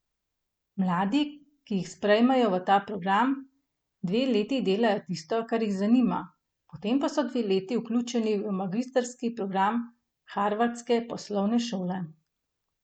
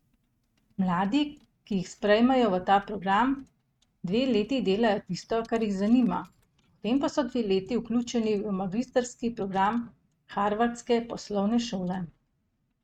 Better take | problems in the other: first | noise reduction (neural mask model RNNoise)

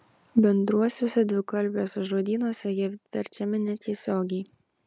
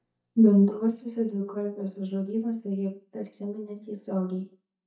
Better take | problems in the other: first | noise reduction (neural mask model DeepFilterNet 3)

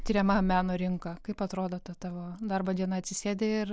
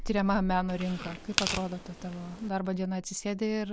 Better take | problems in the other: first | background sound (Tearing); 6 dB below the speech

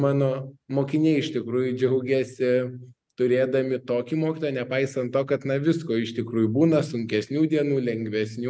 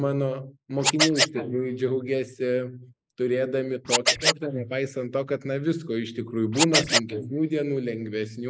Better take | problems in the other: first | noise reduction (neural mask model Resemble Enhance denoiser)

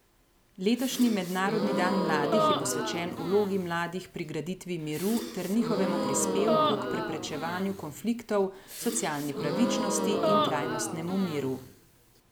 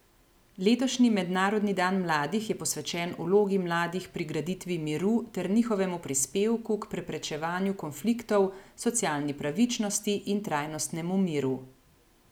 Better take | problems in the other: second | background sound (Gasp); 1 dB below the speech

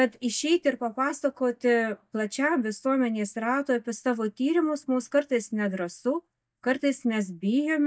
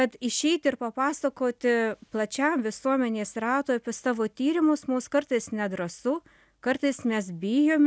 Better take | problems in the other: second | noise reduction (neural mask model DeepFilterNet 3)

